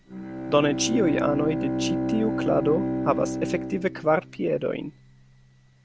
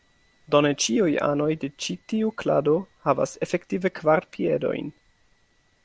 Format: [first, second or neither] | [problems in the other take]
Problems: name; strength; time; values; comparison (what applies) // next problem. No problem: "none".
second | background sound (Bowed string instrument); 3 dB below the speech